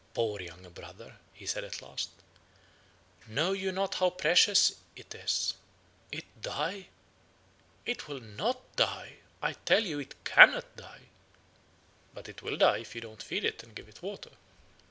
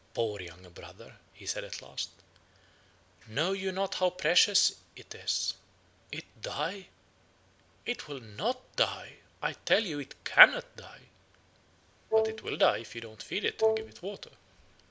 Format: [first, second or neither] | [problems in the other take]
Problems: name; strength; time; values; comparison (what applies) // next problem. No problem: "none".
first | background sound (Wind instrument, woodwind instrument); 3 dB above the speech